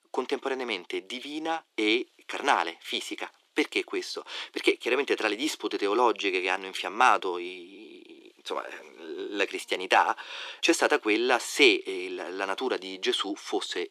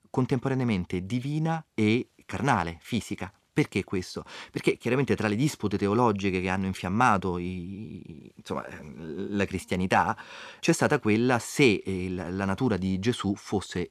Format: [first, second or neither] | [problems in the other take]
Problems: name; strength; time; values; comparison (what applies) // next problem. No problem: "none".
second | thin; very; fading below 300 Hz